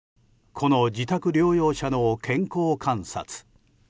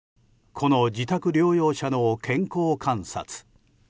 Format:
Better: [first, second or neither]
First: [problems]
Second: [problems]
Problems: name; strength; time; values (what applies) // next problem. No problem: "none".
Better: second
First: background sound (Bass drum / Keyboard (musical)); 19 dB below the speech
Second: none